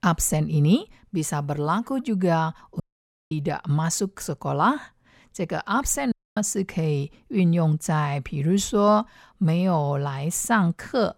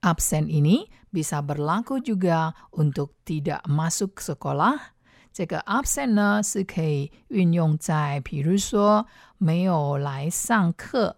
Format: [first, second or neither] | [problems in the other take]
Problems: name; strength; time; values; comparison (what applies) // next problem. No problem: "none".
second | audio cutting out; at 3 s for 0.5 s and at 6 s